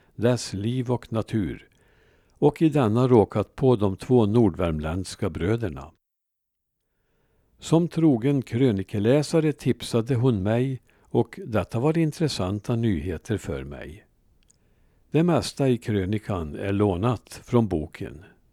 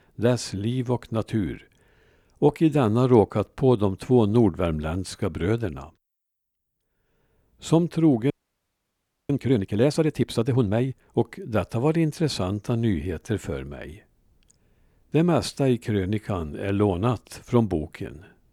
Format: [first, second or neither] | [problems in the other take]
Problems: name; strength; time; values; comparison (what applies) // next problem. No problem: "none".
first | audio freezing; at 8.5 s for 1 s